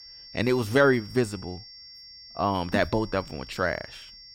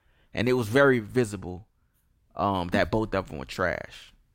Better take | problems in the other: second | high-pitched whine; noticeable; throughout; 5.5 kHz, 20 dB below the speech

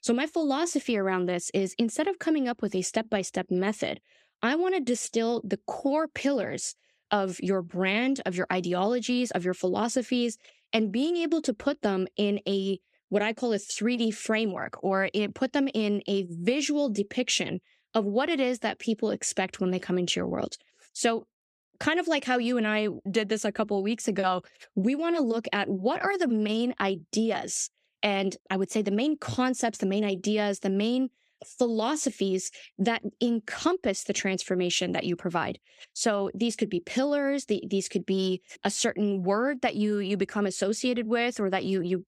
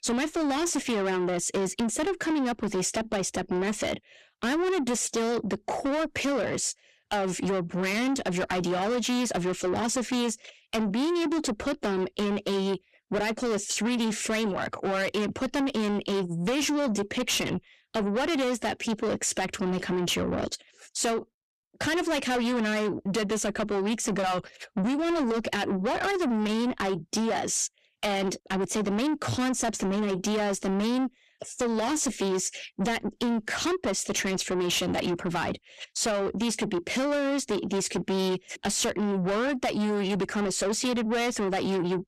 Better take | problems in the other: first | distortion; heavy; 7 dB below the speech

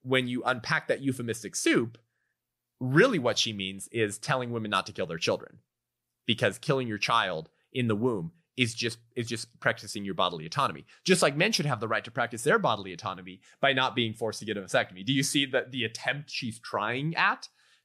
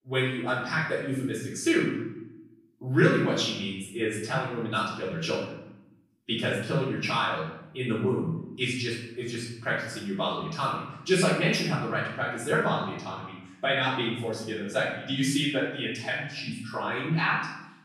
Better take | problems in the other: first | off-mic speech; far // room echo; noticeable; dies away in 0.8 s

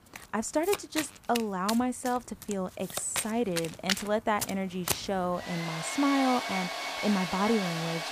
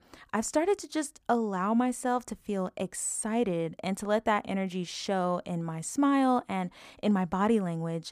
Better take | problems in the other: second | household noises; loud; throughout; 4 dB below the speech

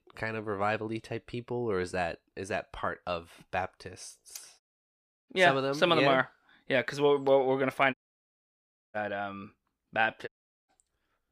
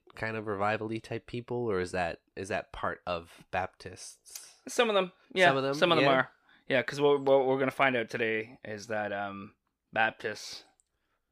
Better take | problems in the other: second | audio cutting out; at 4.5 s for 0.5 s, at 8 s for 1 s and at 10 s

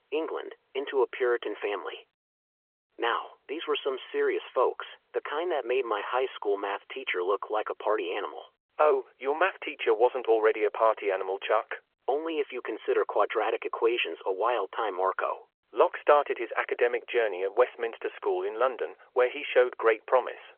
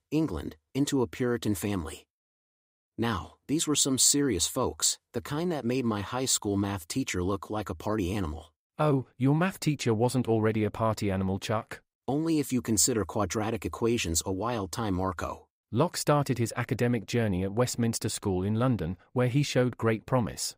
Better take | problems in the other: second | phone-call audio; nothing above 3.5 kHz

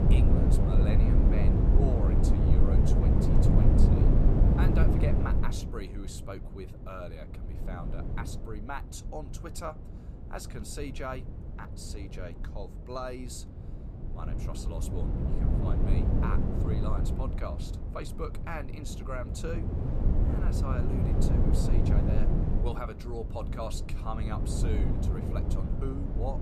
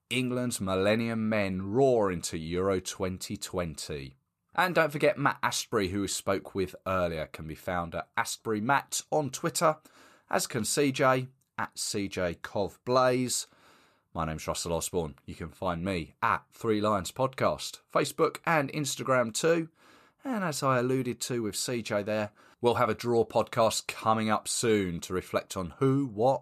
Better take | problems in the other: second | wind noise on the microphone; heavy; 3 dB above the speech

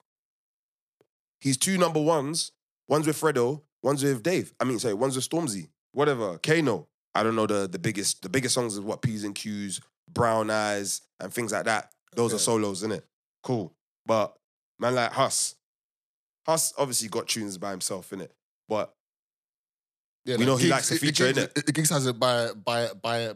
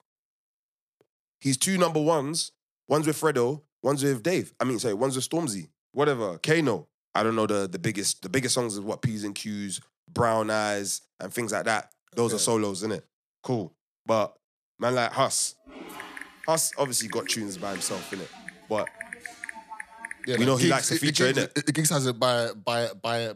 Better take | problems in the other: first | keyboard typing; noticeable; from 16 to 20 s; peak 9 dB below the speech

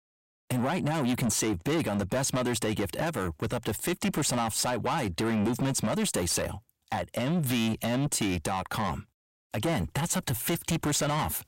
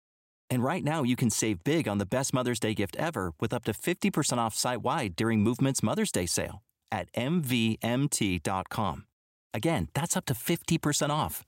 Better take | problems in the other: second | distortion; heavy; 7 dB below the speech

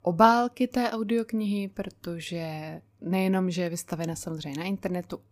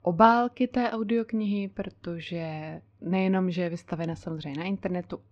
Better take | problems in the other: first | muffled; slightly; fading above 3.5 kHz

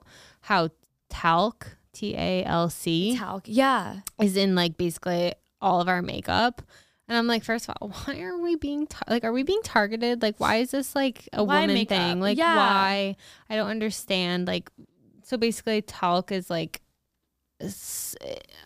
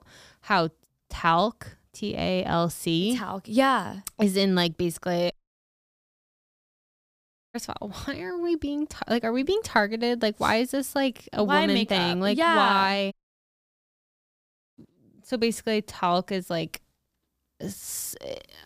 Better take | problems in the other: first | audio cutting out; at 5.5 s for 2 s and at 13 s for 1.5 s

